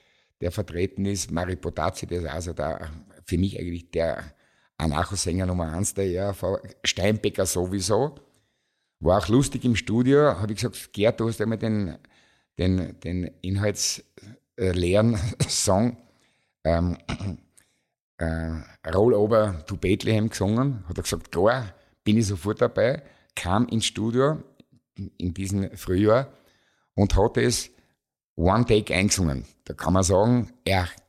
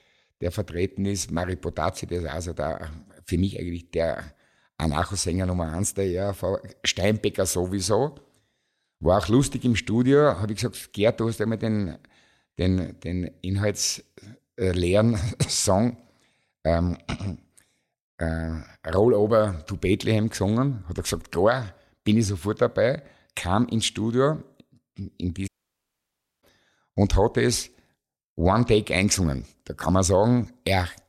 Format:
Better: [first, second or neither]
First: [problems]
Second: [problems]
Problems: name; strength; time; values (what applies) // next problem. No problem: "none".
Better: first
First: none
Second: audio cutting out; at 25 s for 1 s